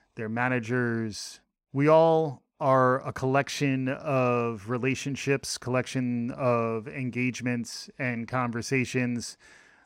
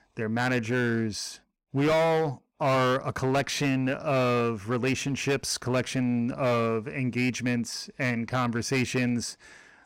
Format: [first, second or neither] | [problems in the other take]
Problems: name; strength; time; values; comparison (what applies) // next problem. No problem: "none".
first | distortion; heavy; 13% of the sound clipped